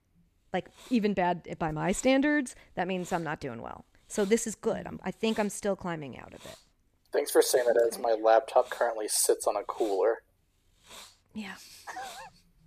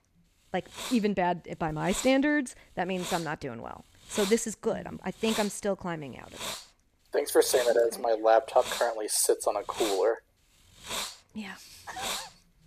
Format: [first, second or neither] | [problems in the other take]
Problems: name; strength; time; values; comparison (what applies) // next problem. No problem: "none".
first | hiss; loud; throughout; 9 dB below the speech; faint in the first